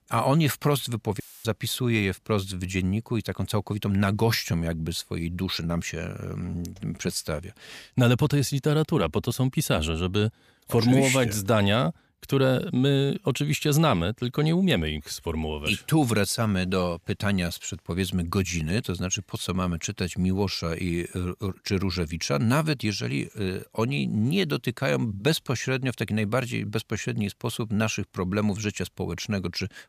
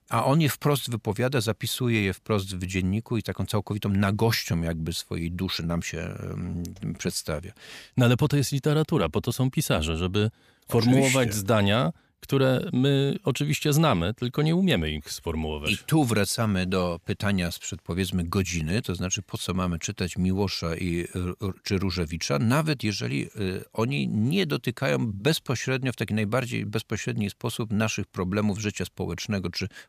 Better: second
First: audio cutting out; filled with static; at 1 s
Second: none

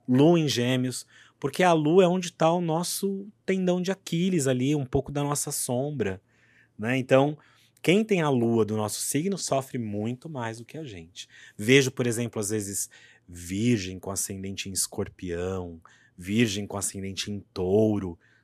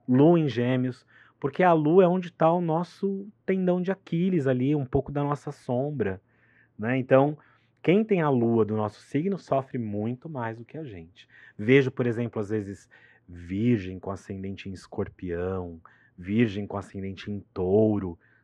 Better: first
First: none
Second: muffled; very; fading above 1.5 kHz

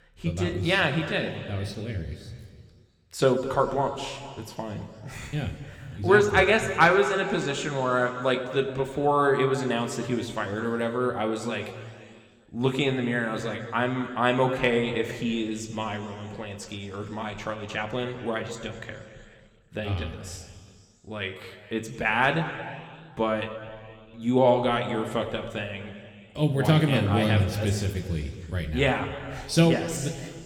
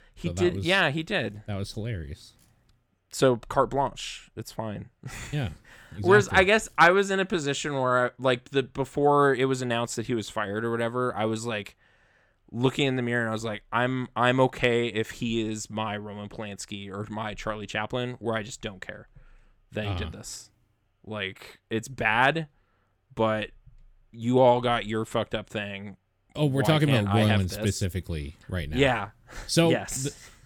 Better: second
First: room echo; slight; dies away in 2.4 s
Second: none

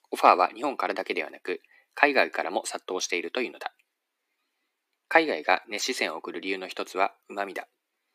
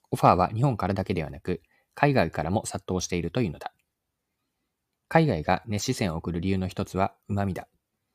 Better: second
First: thin; somewhat; fading below 300 Hz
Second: none

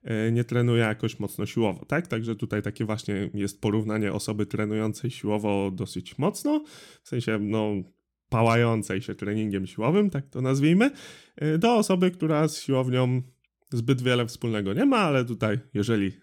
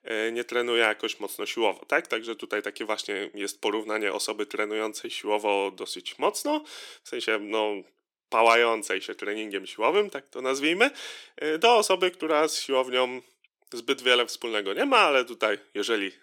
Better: first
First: none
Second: thin; very; fading below 400 Hz

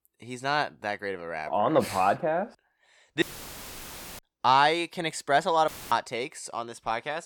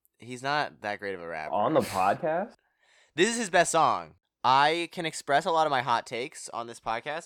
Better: second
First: audio cutting out; filled with static; at 3 s for 1 s and at 5.5 s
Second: none

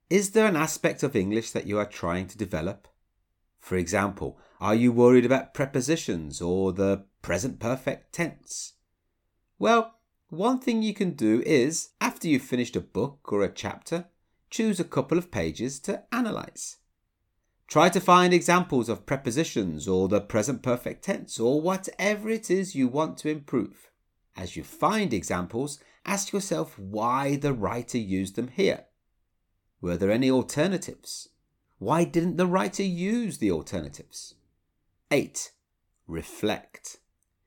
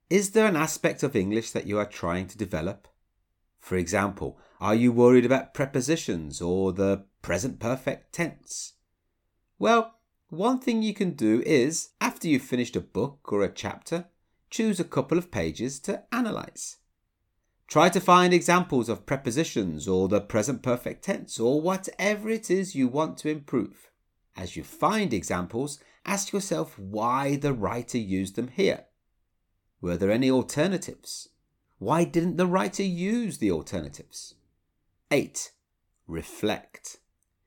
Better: neither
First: none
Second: none

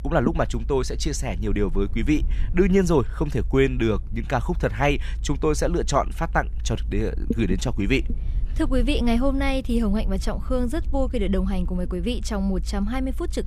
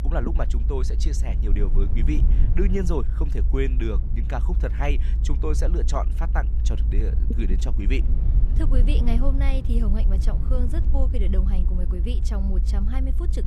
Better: first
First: low rumble; faint; throughout; 25 dB below the speech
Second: low rumble; loud; throughout; 9 dB below the speech

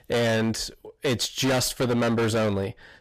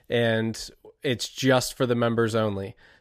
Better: second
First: distortion; heavy; 23% of the sound clipped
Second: none

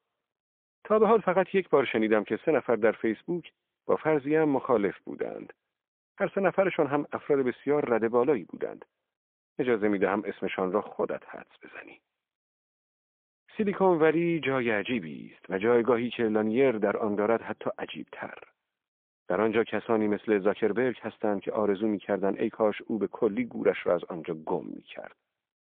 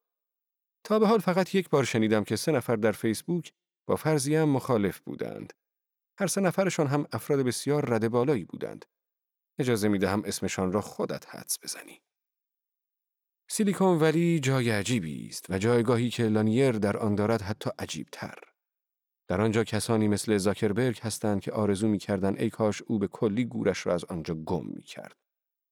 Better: second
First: phone-call audio; poor line; nothing above 3.5 kHz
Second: none

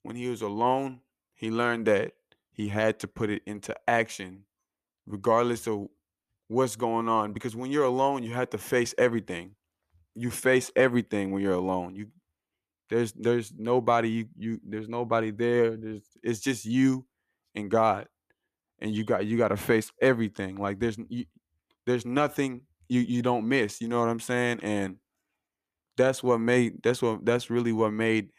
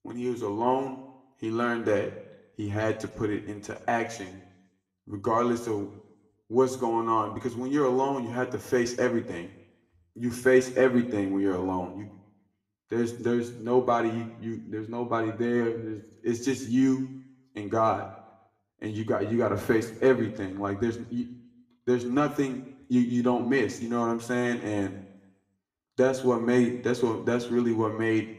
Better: first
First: none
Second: room echo; slight; dies away in 0.6 s // off-mic speech; somewhat distant

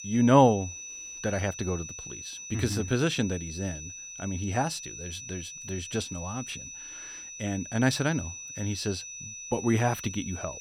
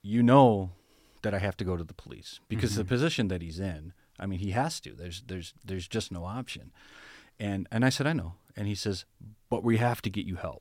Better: second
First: high-pitched whine; noticeable; throughout; 6 kHz, 10 dB below the speech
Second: none

